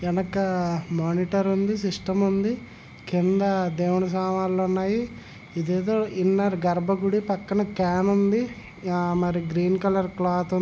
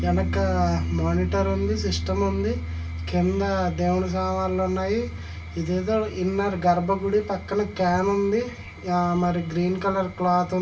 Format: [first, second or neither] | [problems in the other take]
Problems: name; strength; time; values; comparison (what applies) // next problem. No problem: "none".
first | background sound (Piano); 7 dB below the speech // room echo; dies away in 0.2 s